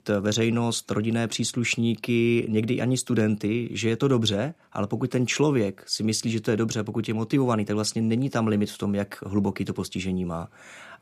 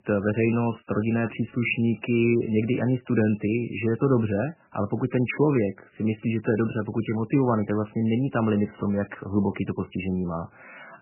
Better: first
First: none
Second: garbled, watery; badly; nothing above 3 kHz

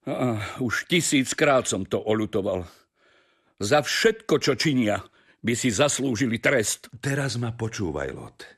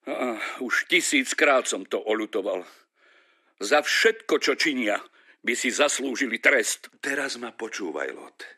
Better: first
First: none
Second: thin; somewhat; fading below 250 Hz

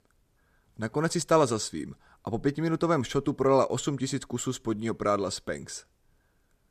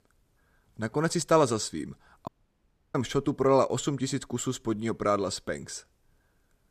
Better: first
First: none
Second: audio cutting out; at 2.5 s for 0.5 s

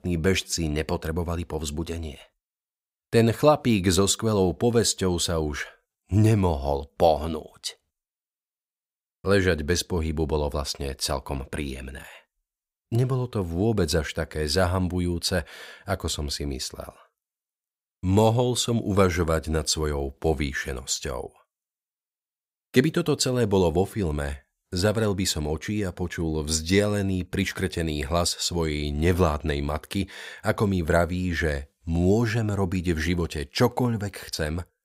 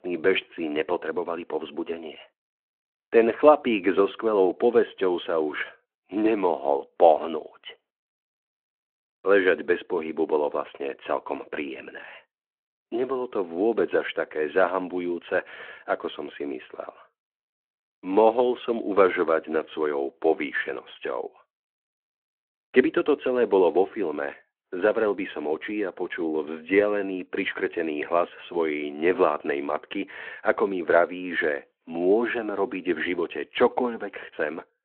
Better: first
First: none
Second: phone-call audio

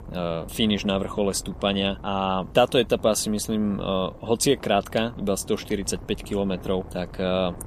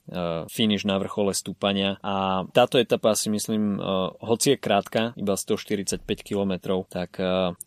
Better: second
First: wind noise on the microphone; occasional gusts; 20 dB below the speech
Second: none

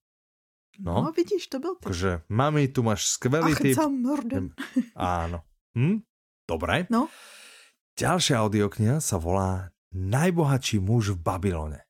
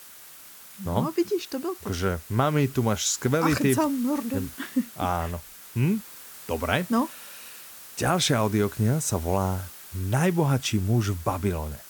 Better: first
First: none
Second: hiss; noticeable; throughout; 15 dB below the speech

